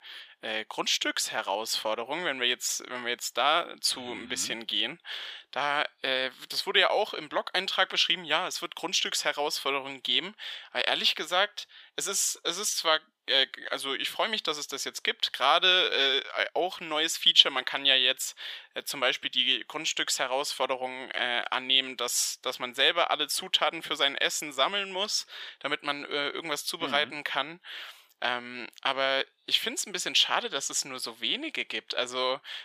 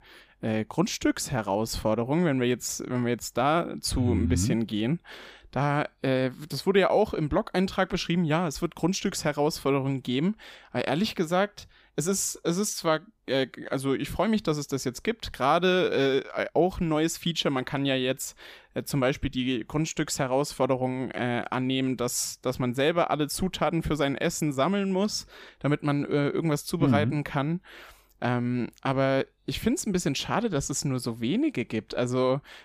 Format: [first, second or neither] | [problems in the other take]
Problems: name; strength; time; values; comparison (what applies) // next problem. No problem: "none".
second | thin; very; fading below 650 Hz